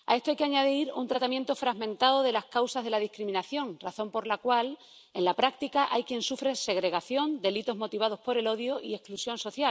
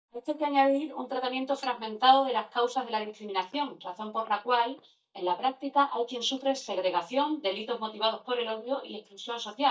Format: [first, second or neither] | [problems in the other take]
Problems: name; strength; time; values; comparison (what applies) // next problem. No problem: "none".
first | noise reduction (neural mask model DeepFilterNet 3)